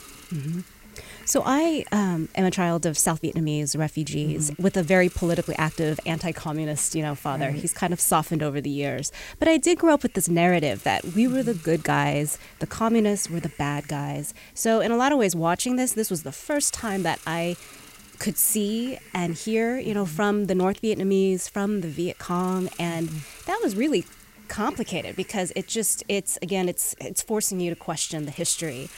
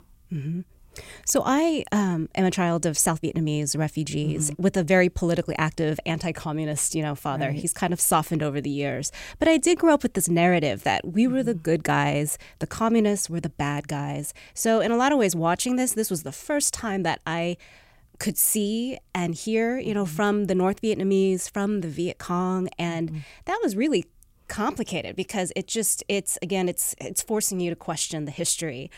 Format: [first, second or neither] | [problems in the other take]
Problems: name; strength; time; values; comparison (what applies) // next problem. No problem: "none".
second | hiss; faint; throughout; 20 dB below the speech